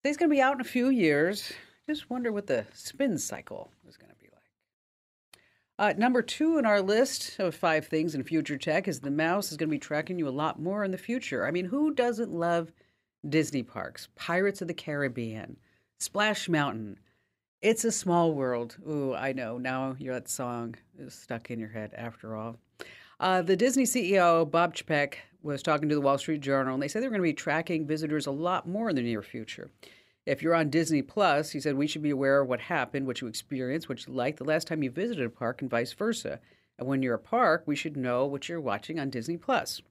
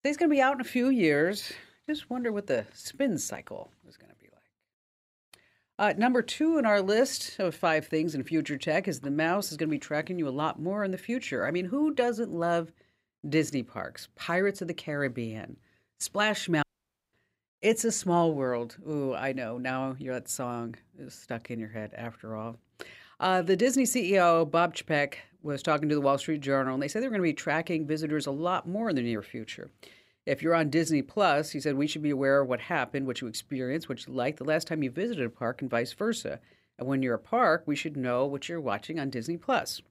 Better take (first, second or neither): first